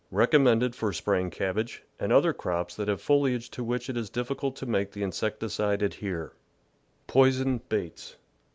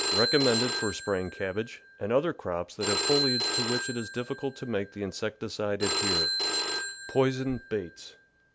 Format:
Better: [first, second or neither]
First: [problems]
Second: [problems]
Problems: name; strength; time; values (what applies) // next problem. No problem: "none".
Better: first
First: none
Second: background sound (Telephone); 2 dB below the speech